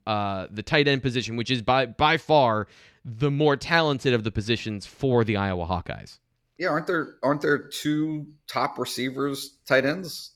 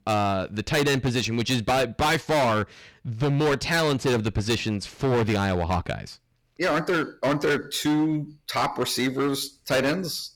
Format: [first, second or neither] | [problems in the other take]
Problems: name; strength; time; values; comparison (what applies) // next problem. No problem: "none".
first | distortion; heavy; 16% of the sound clipped